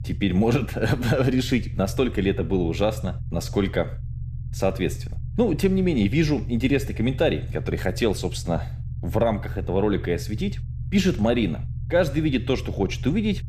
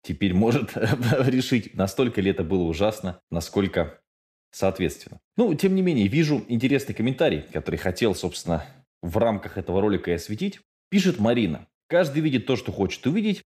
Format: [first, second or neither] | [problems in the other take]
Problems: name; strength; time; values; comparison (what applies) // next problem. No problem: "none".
second | low rumble; faint; throughout; 20 dB below the speech